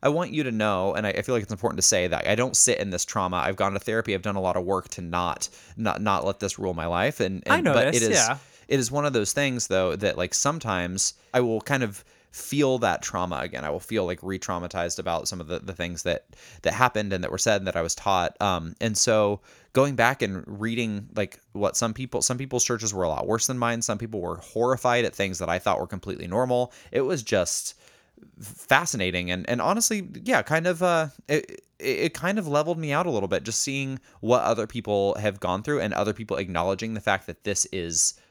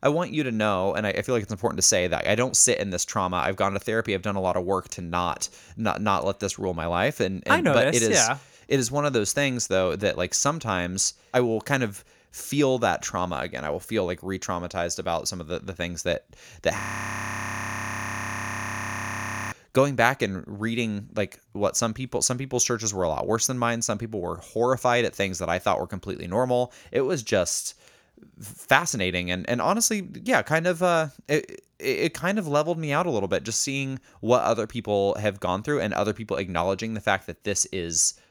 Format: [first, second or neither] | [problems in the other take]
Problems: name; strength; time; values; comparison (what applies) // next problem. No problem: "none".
first | audio freezing; at 17 s for 2.5 s